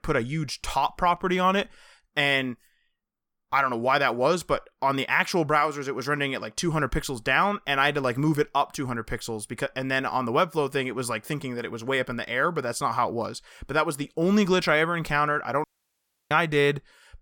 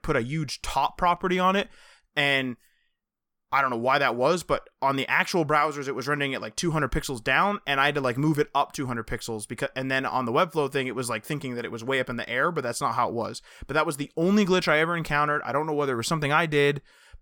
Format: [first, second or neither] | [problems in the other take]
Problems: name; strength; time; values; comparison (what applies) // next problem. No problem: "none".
second | audio cutting out; at 16 s for 0.5 s